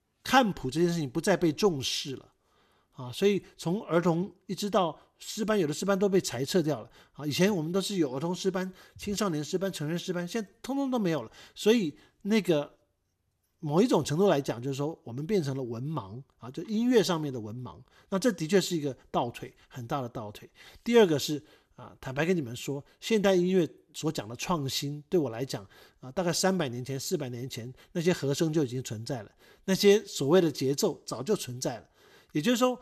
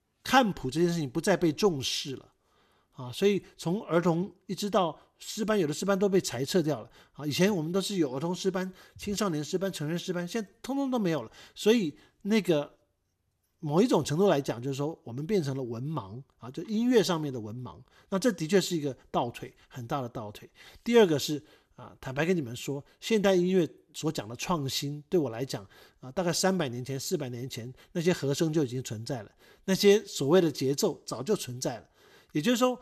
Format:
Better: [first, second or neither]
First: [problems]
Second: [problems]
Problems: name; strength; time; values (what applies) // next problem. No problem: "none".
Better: neither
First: none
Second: none